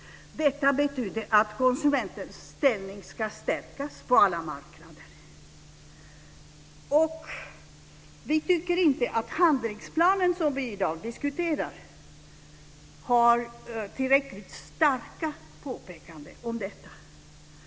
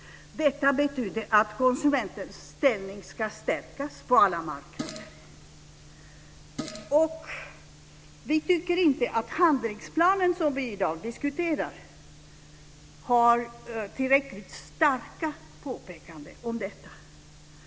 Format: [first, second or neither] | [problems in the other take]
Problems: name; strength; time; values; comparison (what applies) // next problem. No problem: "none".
first | background sound (Fart); 15 dB below the speech